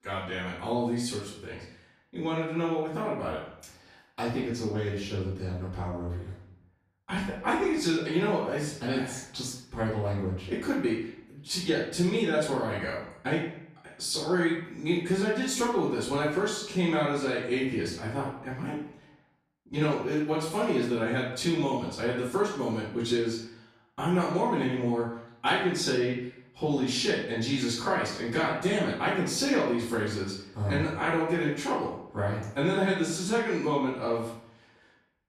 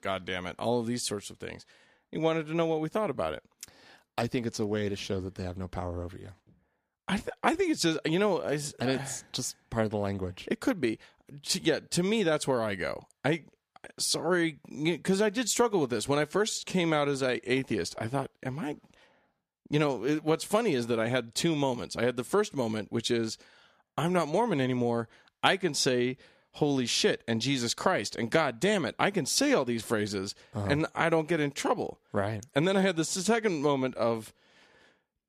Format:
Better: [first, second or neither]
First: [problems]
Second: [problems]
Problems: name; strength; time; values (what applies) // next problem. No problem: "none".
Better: second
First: off-mic speech; far // room echo; noticeable; dies away in 0.6 s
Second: none